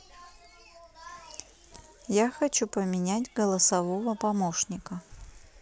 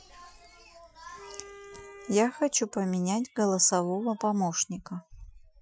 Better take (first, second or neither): first